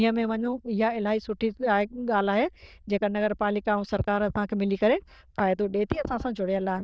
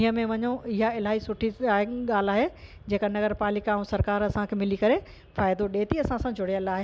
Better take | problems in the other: second | noise reduction (neural diffusion model UNIVERSE++)

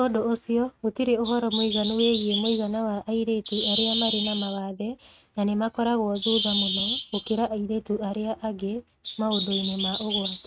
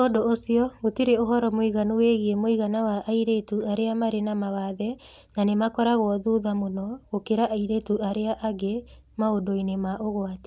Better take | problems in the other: second | noise reduction (neural mask model RNNoise)

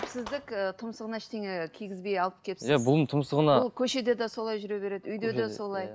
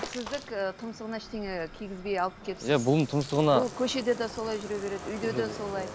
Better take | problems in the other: first | background sound (Bathtub (filling or washing)); 14 dB below the speech

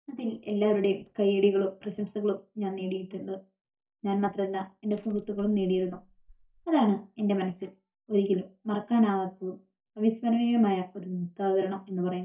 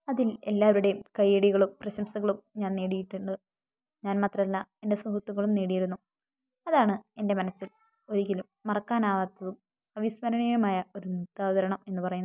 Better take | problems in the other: second | noise reduction (neural mask model DeepFilterNet 3)

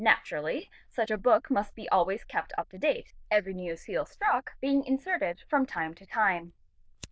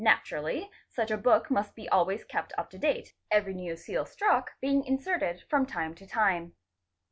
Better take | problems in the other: second | noise reduction (neural diffusion model UNIVERSE++)

